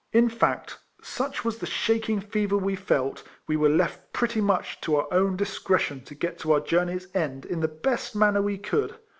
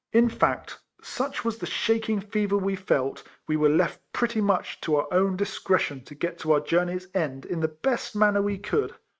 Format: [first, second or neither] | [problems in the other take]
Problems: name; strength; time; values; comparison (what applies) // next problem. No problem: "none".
first | noise reduction (neural mask model RNNoise)